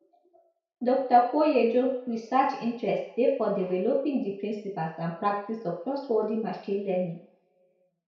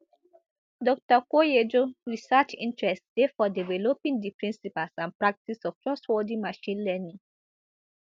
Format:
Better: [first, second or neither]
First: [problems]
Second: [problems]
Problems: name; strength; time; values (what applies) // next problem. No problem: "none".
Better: second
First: room echo; dies away in 0.5 s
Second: none